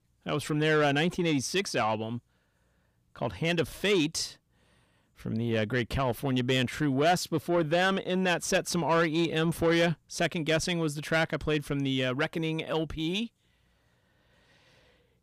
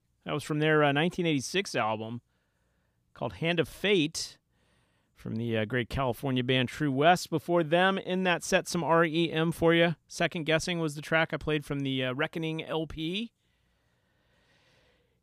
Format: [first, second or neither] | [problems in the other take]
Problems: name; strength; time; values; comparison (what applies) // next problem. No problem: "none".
second | distortion; slight; 10 dB below the speech